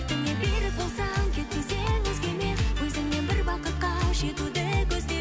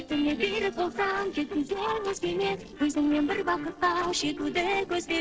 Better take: first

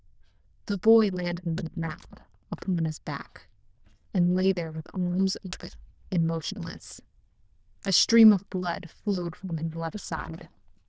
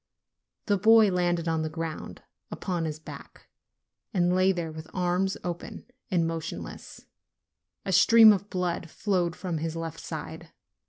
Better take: second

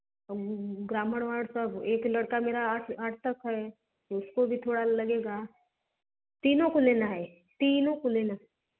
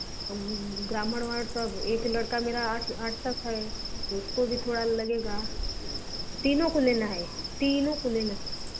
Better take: first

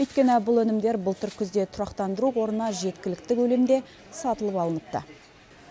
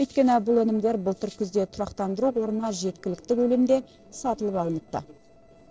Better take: first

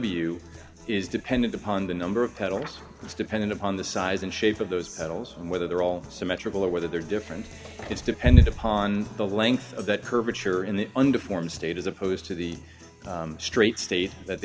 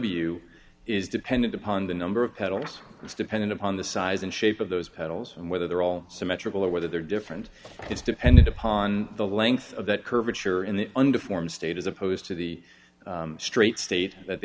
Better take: second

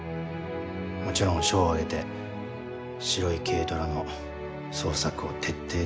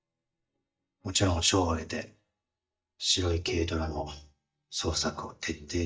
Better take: first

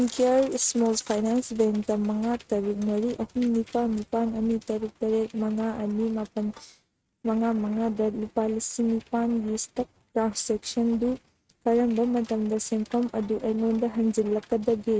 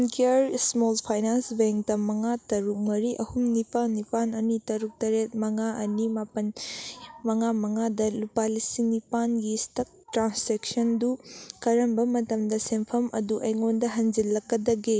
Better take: second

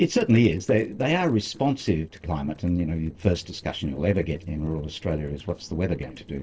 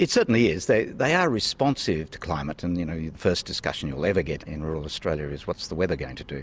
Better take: second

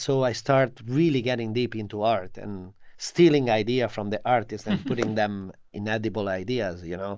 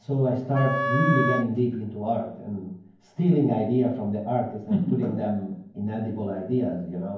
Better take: first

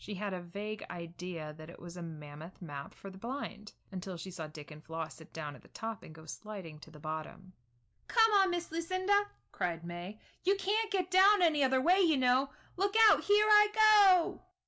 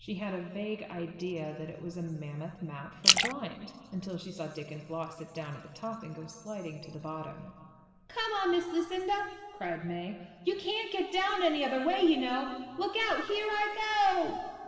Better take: first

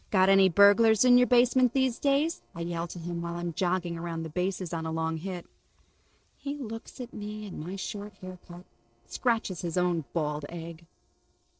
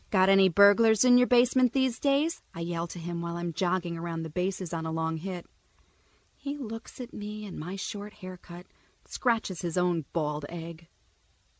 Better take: second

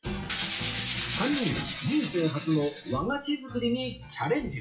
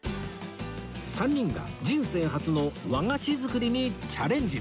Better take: second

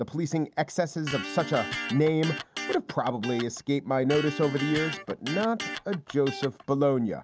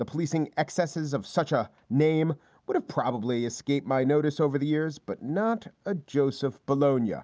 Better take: second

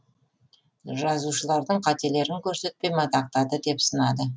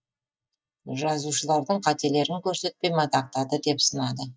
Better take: first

